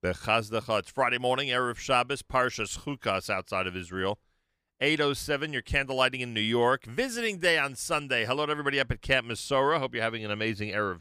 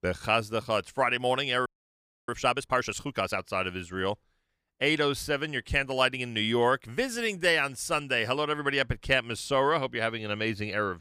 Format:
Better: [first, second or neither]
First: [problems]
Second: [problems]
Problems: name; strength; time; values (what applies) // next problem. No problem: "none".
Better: first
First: none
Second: audio freezing; at 1.5 s for 0.5 s